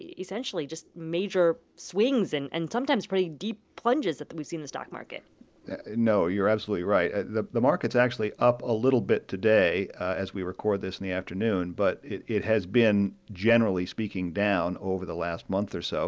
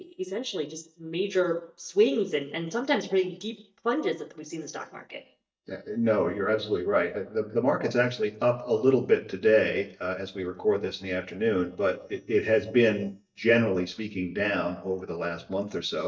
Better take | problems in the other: first | noise reduction (neural mask model DeepFilterNet 3)

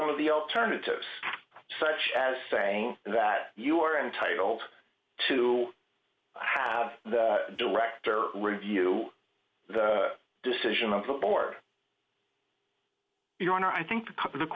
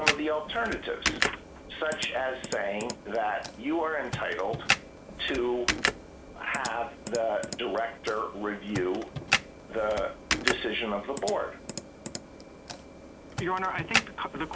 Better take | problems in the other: first | background sound (Computer keyboard); 2 dB below the speech

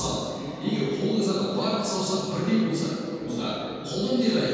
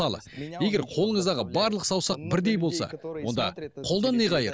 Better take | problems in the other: second | room echo; dies away in 2.1 s

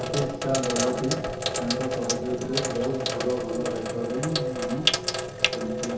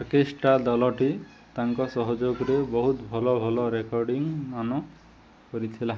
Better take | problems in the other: second | background sound (Sink (filling or washing)); 1 dB above the speech // room echo; dies away in 0.6 s

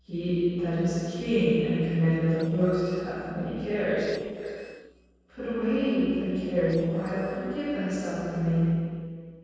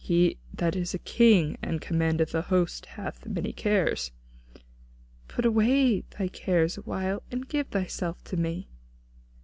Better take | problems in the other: second | noise reduction (neural separator model SepFormer DNS4)

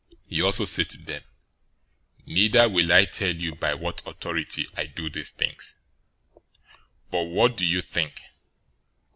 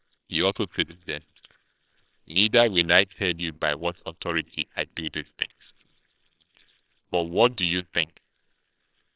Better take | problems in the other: first | noise reduction (neural separator model SepFormer WHAMR!)

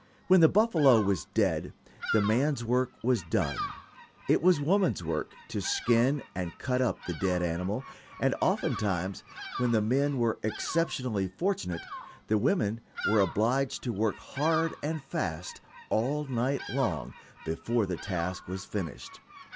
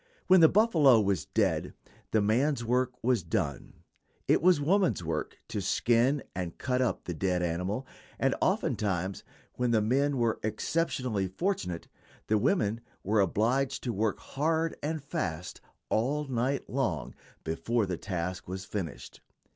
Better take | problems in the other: second | background sound (Bird vocalization, bird call, bird song); 14 dB below the speech

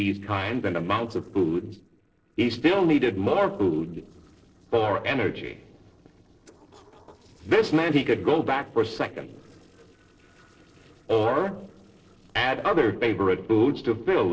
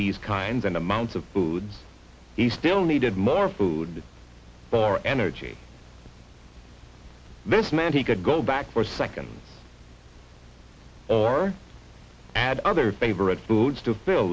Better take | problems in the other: second | noise reduction (neural separator model SepFormer DNS4)

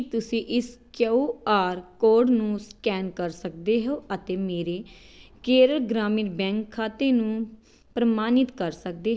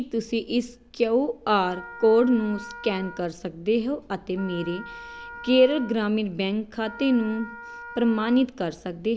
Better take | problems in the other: first | background sound (Wind instrument, woodwind instrument); 16 dB below the speech

